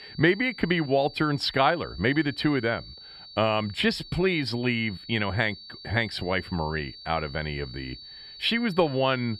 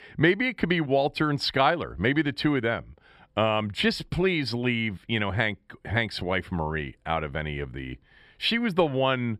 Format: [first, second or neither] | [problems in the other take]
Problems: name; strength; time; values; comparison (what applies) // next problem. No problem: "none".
second | high-pitched whine; noticeable; throughout; 4.5 kHz, 15 dB below the speech